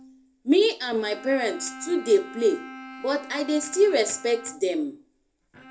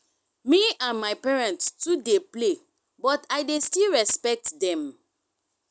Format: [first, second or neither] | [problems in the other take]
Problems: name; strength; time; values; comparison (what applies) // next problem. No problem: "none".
second | background sound (Bowed string instrument); 18 dB below the speech // room echo; dies away in 0.3 s